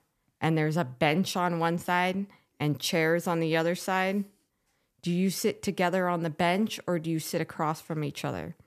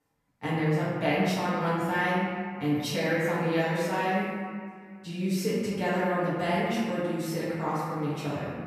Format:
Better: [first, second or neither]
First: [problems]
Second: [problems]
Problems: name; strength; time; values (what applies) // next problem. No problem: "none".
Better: first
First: none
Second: room echo; strong; dies away in 1.9 s // off-mic speech; far